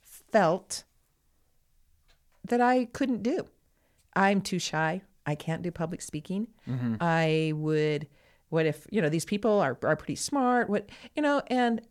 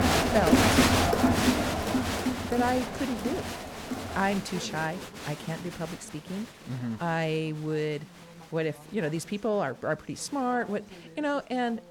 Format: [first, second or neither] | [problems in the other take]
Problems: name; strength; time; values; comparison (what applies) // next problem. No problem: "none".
first | crowd noise; very loud; throughout; 4 dB above the speech